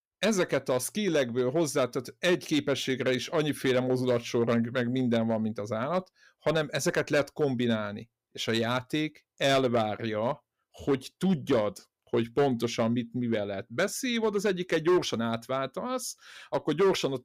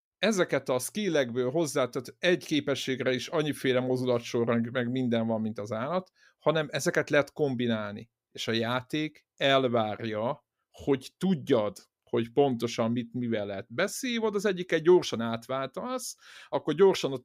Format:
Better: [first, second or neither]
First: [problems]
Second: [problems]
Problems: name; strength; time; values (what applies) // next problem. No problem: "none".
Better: second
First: distortion; slight; 4% of the sound clipped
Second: none